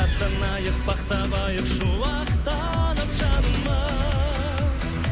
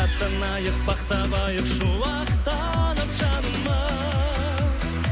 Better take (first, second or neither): second